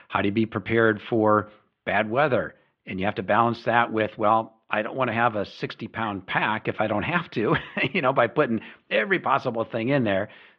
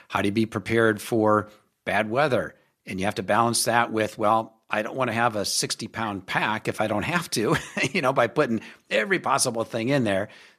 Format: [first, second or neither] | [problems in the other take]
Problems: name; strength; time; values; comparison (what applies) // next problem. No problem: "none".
second | muffled; very; fading above 3.5 kHz